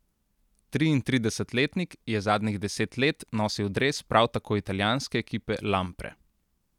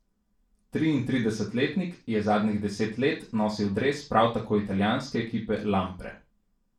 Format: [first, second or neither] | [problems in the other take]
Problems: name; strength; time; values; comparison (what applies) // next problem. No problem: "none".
first | room echo; dies away in 0.3 s